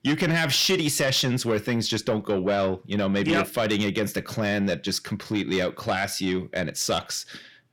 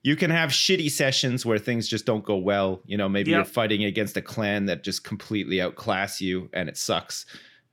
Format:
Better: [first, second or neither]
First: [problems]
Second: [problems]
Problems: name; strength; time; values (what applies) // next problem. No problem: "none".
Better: second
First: distortion; slight; 10 dB below the speech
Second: none